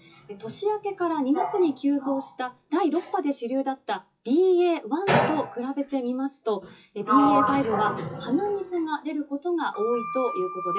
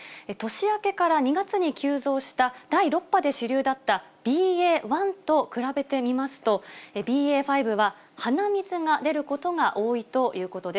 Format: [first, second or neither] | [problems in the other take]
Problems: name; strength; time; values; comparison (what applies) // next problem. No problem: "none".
second | noise reduction (classical method WPE with log-MMSE)